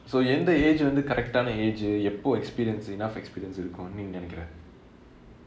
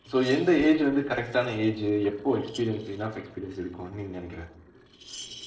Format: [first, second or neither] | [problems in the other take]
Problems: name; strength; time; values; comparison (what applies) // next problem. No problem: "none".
first | noise reduction (neural separator model SepFormer DNS4)